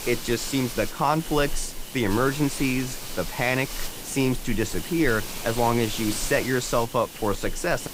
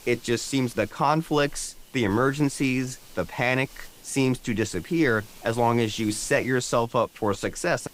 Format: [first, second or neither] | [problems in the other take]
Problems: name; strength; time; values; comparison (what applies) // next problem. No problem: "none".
second | hiss; loud; throughout; 9 dB below the speech; faint in the second